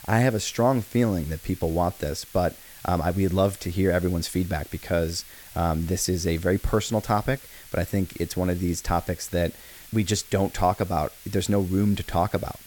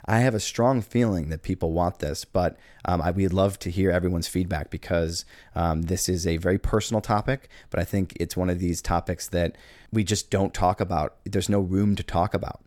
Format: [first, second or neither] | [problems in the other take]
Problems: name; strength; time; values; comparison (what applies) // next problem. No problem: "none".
second | hiss; noticeable; throughout; 20 dB below the speech